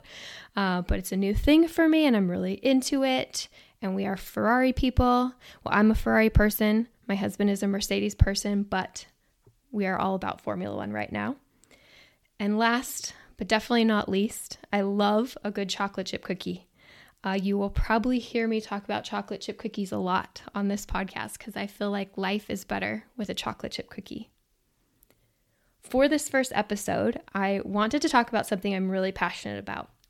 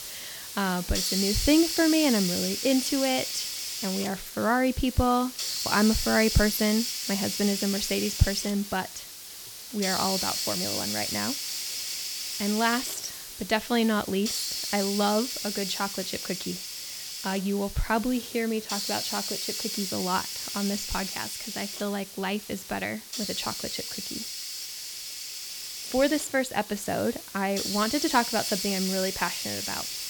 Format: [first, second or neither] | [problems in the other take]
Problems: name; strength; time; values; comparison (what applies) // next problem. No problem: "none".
first | hiss; loud; throughout; 3 dB below the speech